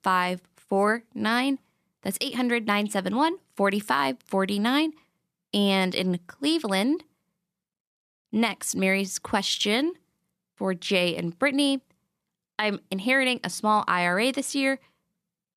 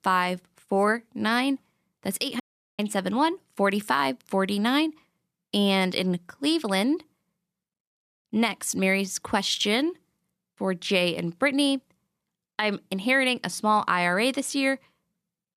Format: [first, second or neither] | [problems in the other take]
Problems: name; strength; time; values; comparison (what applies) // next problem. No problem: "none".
first | audio cutting out; at 2.5 s